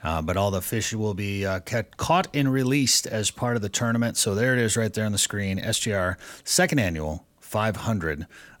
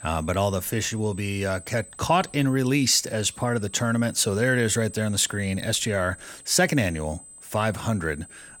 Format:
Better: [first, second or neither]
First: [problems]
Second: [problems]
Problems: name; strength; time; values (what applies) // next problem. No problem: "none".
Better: first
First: none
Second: high-pitched whine; noticeable; throughout; 8 kHz, 20 dB below the speech